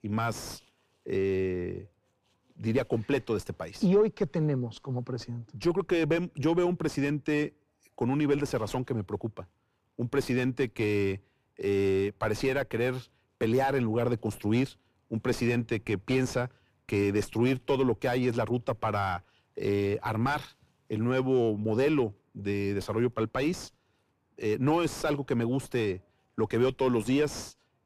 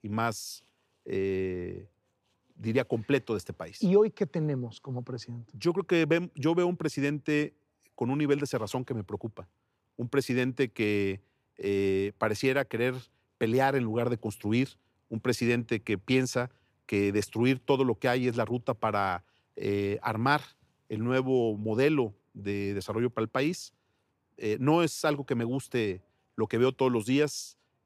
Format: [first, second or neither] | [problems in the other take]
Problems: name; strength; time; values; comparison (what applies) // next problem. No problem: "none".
second | distortion; slight; 9 dB below the speech